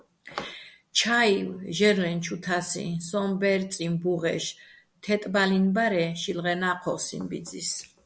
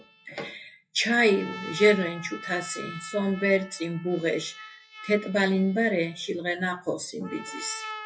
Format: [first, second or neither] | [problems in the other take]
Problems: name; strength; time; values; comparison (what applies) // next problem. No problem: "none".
first | noise reduction (classical method WPE with log-MMSE)